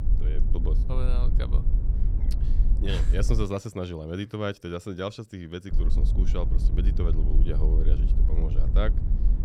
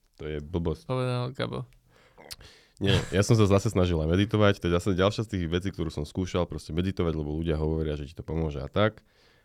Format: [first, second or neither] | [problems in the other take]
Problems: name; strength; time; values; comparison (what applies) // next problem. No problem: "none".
second | low rumble; loud; until 3.5 s and from 5.5 s on; 9 dB below the speech